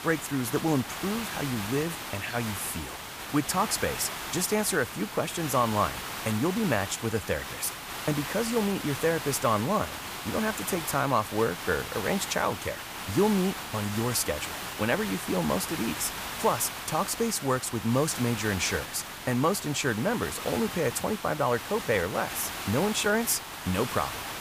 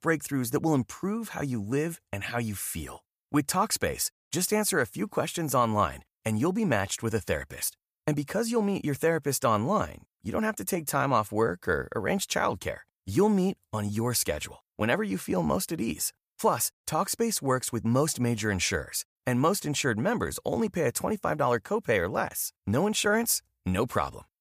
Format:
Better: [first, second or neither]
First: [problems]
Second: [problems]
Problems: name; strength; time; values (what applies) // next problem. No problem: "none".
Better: second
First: hiss; loud; throughout; 7 dB below the speech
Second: none